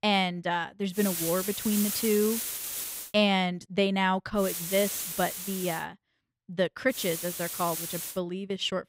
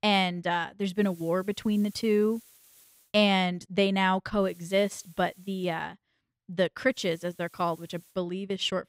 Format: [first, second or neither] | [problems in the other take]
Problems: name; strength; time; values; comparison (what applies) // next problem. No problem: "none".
second | hiss; loud; from 1 to 3 s, from 4.5 to 6 s and from 7 to 8 s; 4 dB below the speech; faint in the second